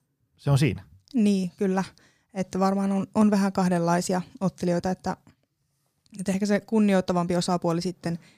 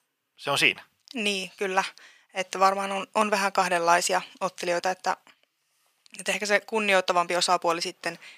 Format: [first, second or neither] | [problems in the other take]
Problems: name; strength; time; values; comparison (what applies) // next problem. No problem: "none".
first | thin; very; fading below 600 Hz